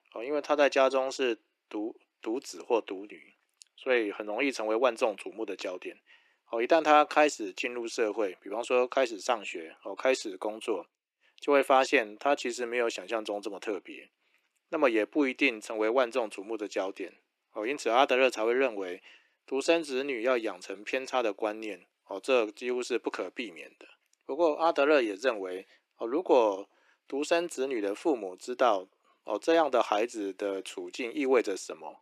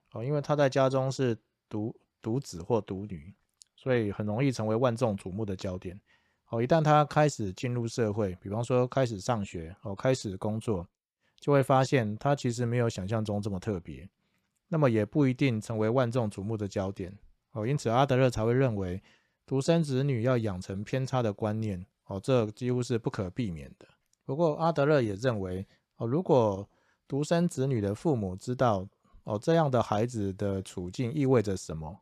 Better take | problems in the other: second | thin; somewhat; fading below 300 Hz

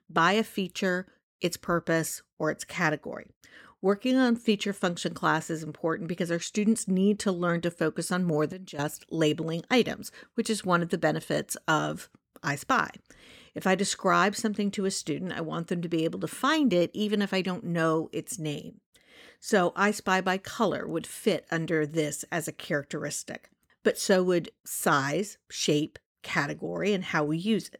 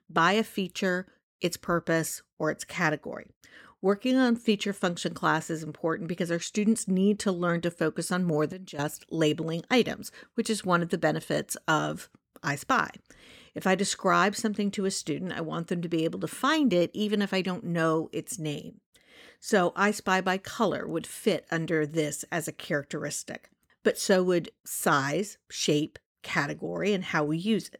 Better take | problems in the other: neither | none

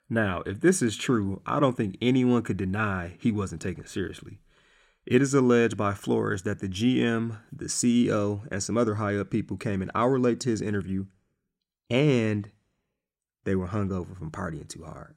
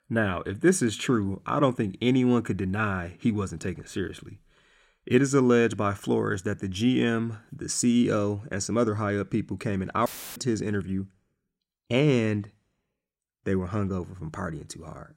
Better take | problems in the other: first | audio cutting out; filled with static; at 10 s

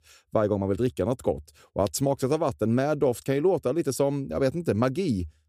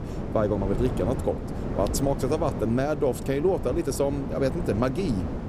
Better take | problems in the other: first | wind noise on the microphone; heavy; 9 dB below the speech

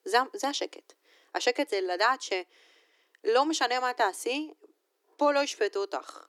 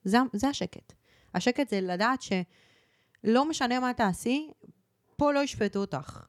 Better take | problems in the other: second | thin; somewhat; fading below 300 Hz

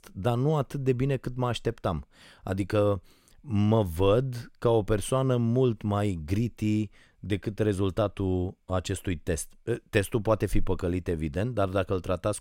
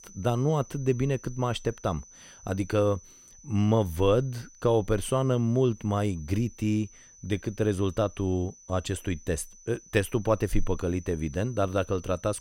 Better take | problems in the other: first | high-pitched whine; faint; throughout; 6 kHz, 20 dB below the speech

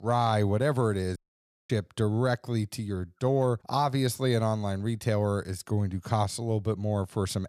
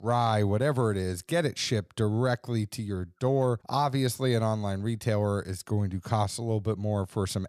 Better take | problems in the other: second | audio cutting out; at 1 s for 0.5 s

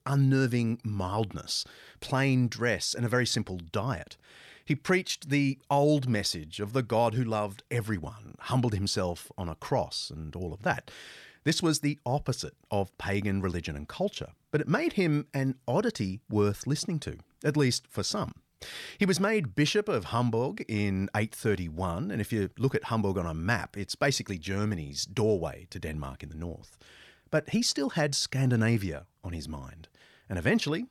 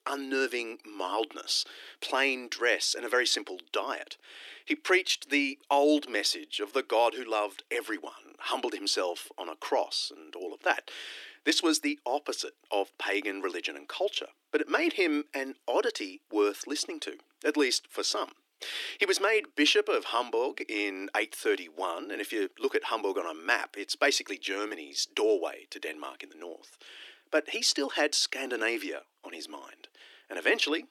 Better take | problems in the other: first | thin; somewhat; fading below 300 Hz

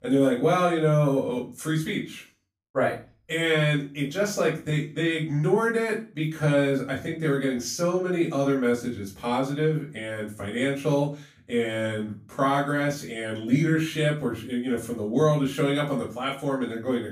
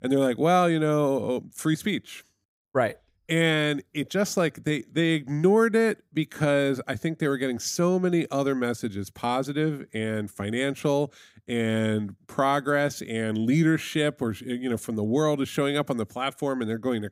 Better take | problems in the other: second | off-mic speech; far // room echo; slight; dies away in 0.3 s

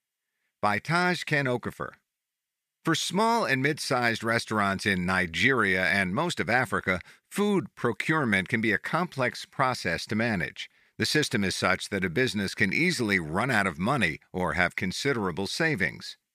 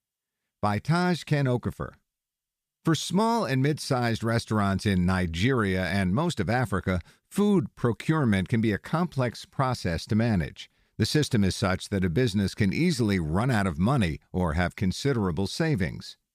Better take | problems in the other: second | thin; somewhat; fading below 650 Hz

